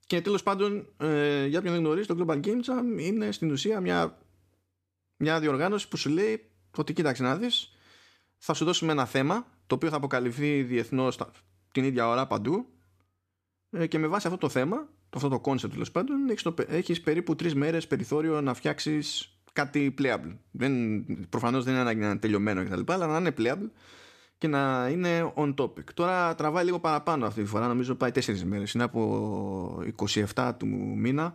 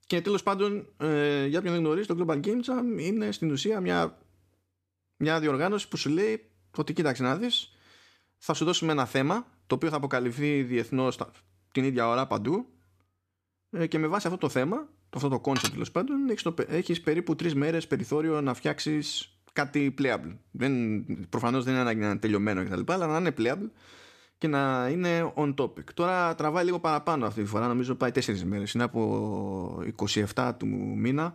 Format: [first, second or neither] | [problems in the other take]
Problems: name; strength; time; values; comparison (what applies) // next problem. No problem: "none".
first | clattering dishes; noticeable; at 16 s; peak 3 dB below the speech